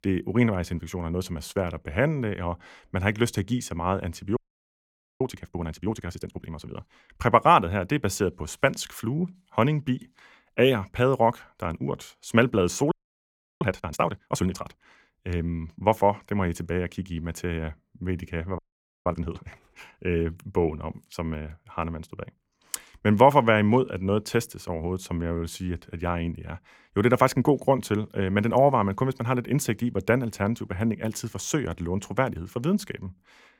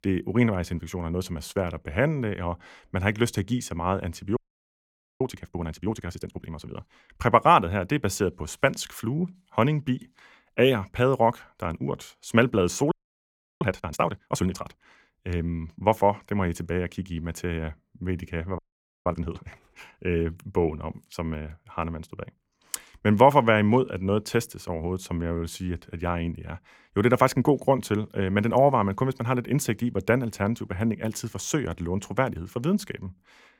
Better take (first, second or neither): neither